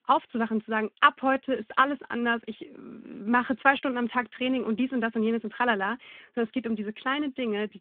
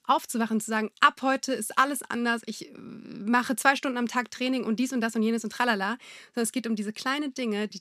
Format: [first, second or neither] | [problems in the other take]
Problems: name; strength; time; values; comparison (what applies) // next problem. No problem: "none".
second | phone-call audio